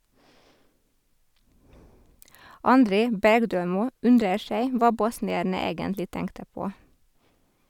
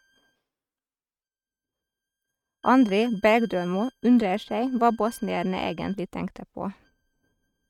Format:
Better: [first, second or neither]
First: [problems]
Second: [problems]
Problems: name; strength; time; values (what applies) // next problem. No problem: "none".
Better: first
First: none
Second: noise reduction (neural mask model RNNoise)